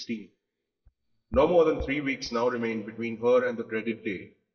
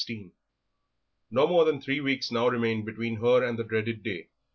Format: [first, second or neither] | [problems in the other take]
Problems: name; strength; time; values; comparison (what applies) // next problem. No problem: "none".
second | noise reduction (neural mask model DeepFilterNet 3)